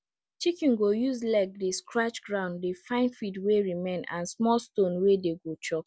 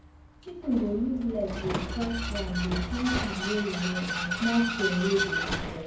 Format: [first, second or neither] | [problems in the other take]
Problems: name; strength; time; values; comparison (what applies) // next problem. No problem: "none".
first | background sound (Vehicle); 3 dB below the speech // room echo; dies away in 0.9 s